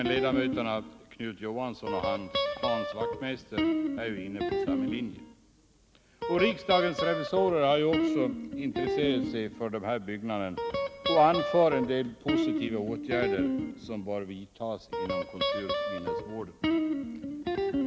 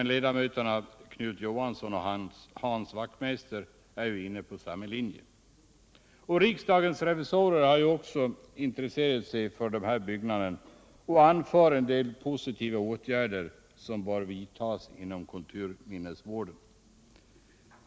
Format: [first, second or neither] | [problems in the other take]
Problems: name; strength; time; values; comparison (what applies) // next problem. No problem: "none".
second | background sound (Guitar); 1 dB below the speech